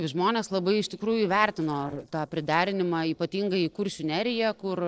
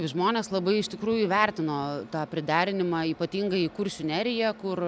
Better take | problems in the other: second | noise reduction (neural separator model SepFormer DNS4)

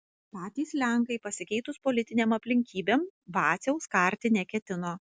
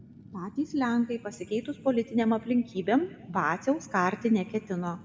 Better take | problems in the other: first | background sound (Fire); 20 dB below the speech // room echo; dies away in 1.1 s

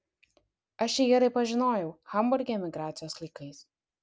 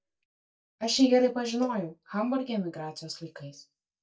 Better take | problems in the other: first | noise reduction (neural mask model DeepFilterNet 3)

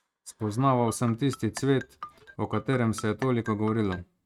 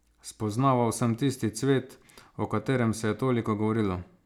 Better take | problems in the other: second | noise reduction (neural mask model RNNoise)

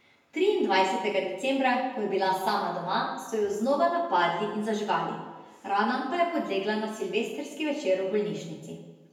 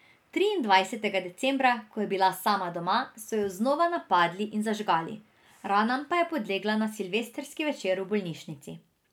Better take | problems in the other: second | room echo; dies away in 0.9 s

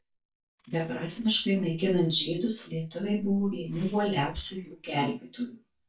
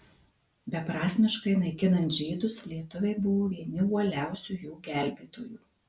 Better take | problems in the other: second | noise reduction (neural mask model DeepFilterNet 3)

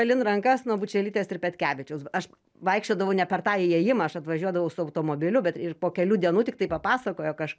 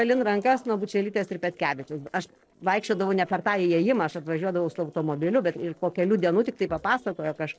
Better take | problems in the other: first | noise reduction (neural separator model SepFormer DNS4)

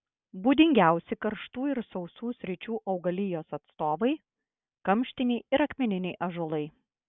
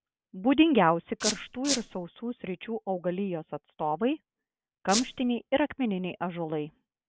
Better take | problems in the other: first | background sound (Squeak); 4 dB below the speech

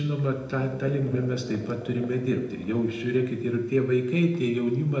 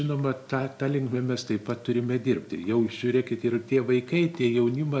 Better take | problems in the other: second | background sound (Animal); 15 dB below the speech // room echo; dies away in 0.8 s

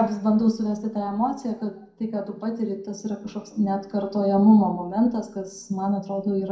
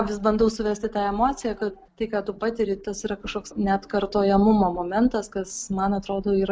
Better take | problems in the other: second | room echo; dies away in 0.5 s

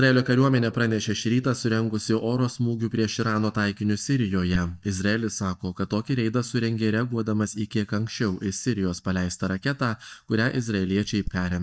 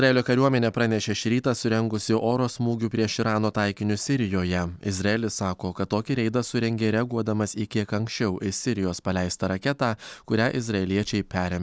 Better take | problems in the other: second | noise reduction (neural mask model DeepFilterNet 3)

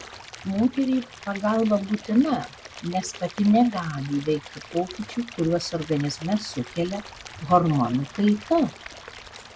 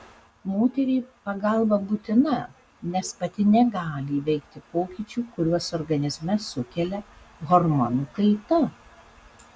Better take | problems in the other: second | background sound (Stream / Liquid); 17 dB below the speech

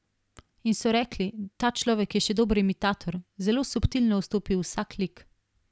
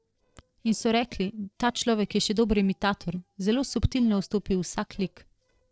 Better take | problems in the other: first | noise reduction (neural separator model SepFormer DNS4)

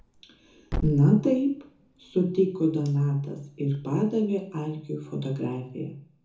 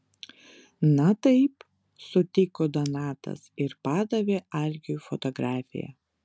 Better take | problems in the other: second | background sound (Thump, thud); 14 dB below the speech // room echo; dies away in 0.6 s

